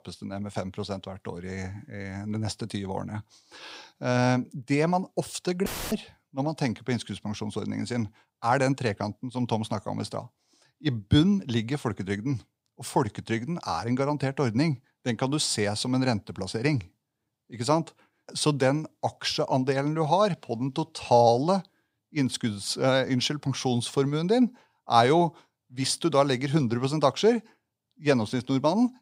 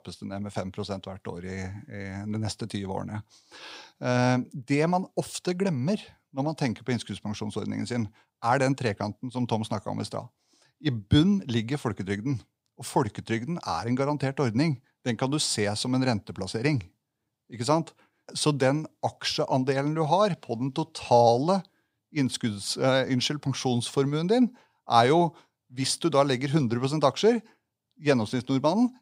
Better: second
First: audio cutting out; filled with static; at 5.5 s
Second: none

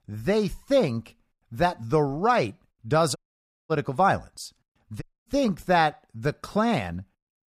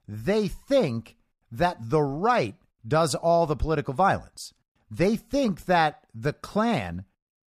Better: second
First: audio cutting out; at 3 s for 0.5 s and at 5 s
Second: none

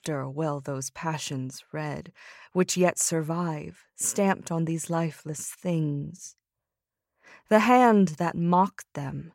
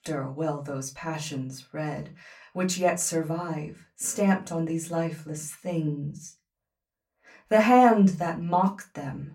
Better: first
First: none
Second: off-mic speech; far // room echo; very slight; dies away in 0.2 s

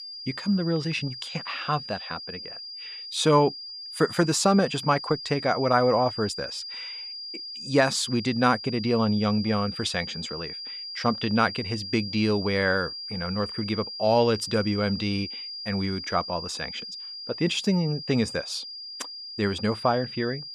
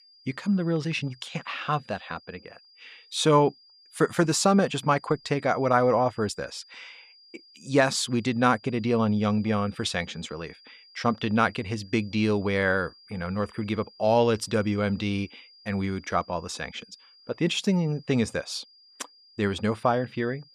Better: second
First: high-pitched whine; loud; throughout; 5 kHz, 9 dB below the speech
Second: high-pitched whine; faint; throughout; 5 kHz, 25 dB below the speech

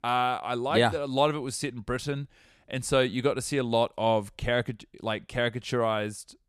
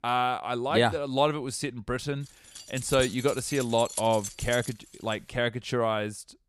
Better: first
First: none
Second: jangling keys; noticeable; from 2.5 to 5 s; peak 6 dB below the speech

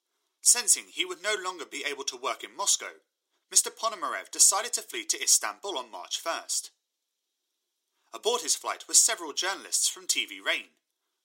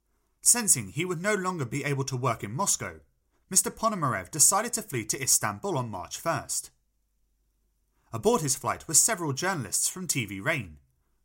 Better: second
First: thin; very; fading below 350 Hz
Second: none

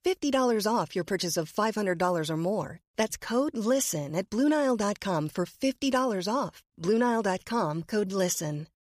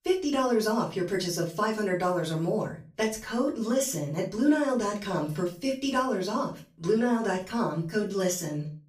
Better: first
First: none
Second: room echo; slight; dies away in 0.3 s // off-mic speech; far

